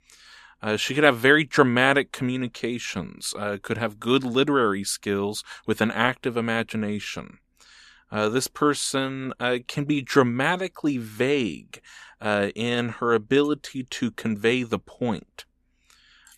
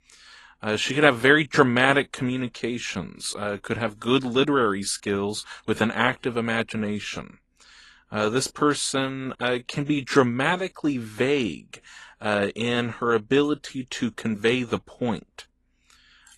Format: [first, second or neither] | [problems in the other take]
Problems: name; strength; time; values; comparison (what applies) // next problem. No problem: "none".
first | garbled, watery; slightly